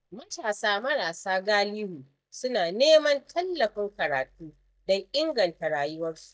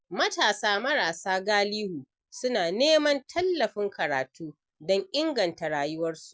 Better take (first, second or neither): second